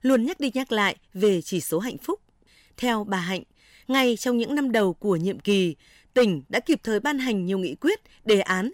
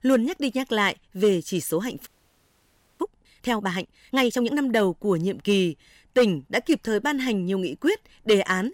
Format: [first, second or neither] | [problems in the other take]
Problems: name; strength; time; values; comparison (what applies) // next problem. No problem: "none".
first | audio freezing; at 2 s for 1 s